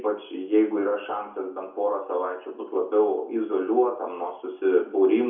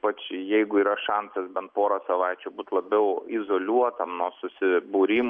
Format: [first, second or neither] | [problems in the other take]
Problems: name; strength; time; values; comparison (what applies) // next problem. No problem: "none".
second | room echo; dies away in 0.6 s